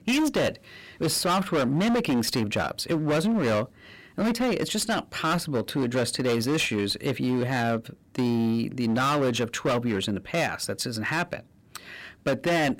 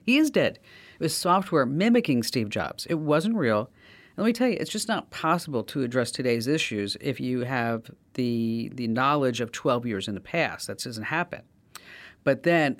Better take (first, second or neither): second